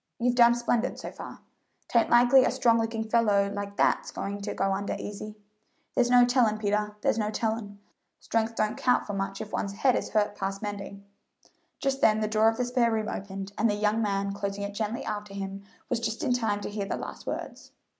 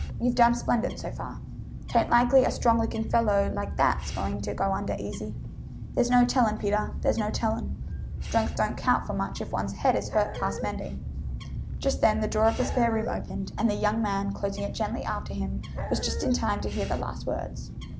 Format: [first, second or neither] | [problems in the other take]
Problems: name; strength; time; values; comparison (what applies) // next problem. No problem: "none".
first | background sound (Dog + Bird); 6 dB below the speech